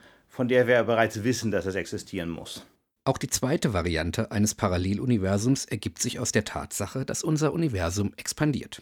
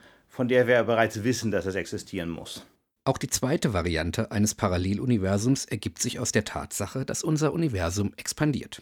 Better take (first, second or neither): neither